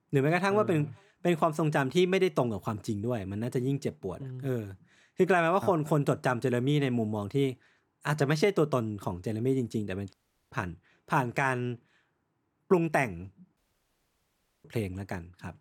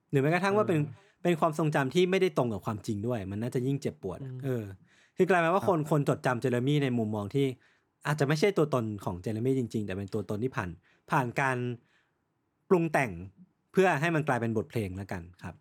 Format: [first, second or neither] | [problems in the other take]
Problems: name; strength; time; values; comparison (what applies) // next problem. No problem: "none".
second | audio cutting out; at 10 s and at 14 s for 1 s